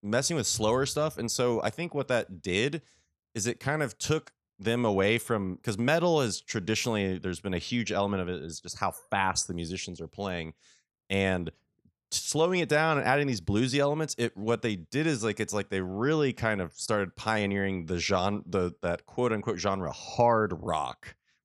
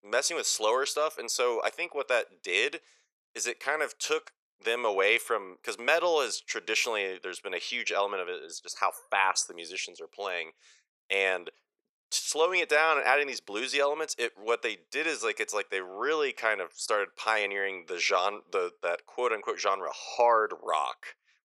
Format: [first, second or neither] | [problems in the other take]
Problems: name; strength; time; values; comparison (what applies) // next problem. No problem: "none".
first | thin; very; fading below 450 Hz